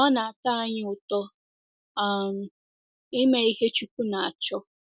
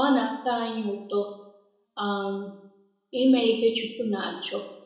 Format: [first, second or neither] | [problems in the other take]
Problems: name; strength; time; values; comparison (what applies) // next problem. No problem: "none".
first | room echo; dies away in 0.7 s